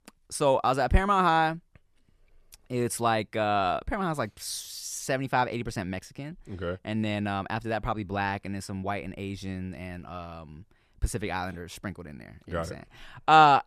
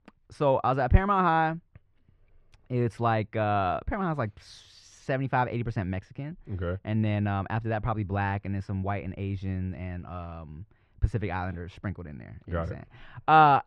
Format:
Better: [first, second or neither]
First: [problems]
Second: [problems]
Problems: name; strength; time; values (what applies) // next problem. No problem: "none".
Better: first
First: none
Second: muffled; slightly; fading above 2.5 kHz